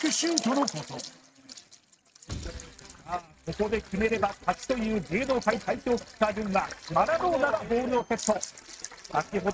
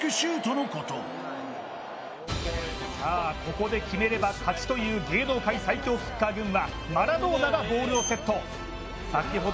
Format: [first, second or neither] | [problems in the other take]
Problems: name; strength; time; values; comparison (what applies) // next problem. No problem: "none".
second | noise reduction (neural mask model RNNoise)